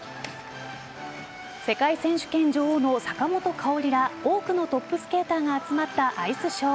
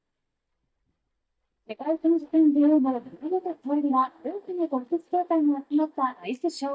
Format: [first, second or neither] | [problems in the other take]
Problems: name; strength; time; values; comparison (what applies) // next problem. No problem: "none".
first | noise reduction (neural mask model DeepFilterNet 3)